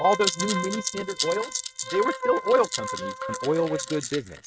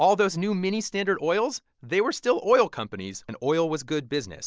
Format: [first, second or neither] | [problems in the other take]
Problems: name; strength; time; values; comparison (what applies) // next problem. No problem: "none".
second | noise reduction (neural mask model RNNoise)